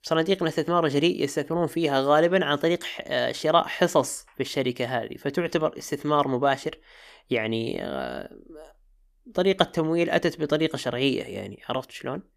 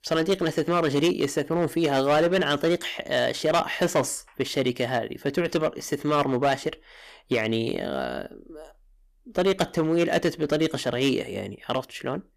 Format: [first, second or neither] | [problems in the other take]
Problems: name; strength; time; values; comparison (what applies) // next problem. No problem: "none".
first | distortion; slight; 6% of the sound clipped